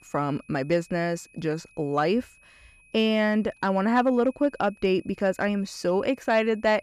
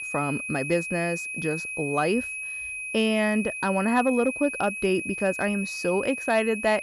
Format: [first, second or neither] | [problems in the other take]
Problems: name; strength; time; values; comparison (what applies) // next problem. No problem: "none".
first | high-pitched whine; loud; throughout; 2.5 kHz, 5 dB below the speech; faint in the first